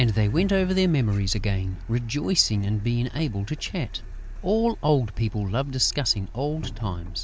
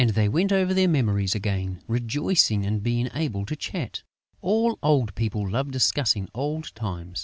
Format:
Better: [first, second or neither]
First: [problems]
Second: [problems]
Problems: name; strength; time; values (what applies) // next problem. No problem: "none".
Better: second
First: background sound (Cupboard open or close + Car); 10 dB below the speech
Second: none